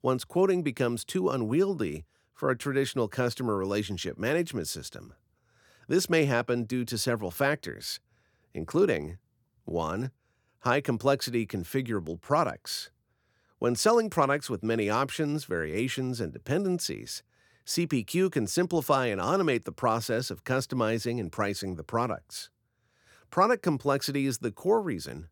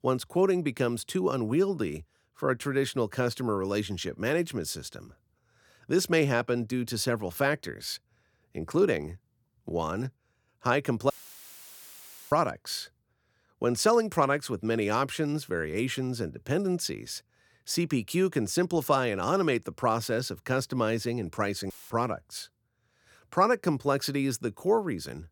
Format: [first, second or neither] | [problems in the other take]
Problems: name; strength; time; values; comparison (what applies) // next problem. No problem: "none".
first | audio cutting out; filled with static; at 11 s for 1 s and at 22 s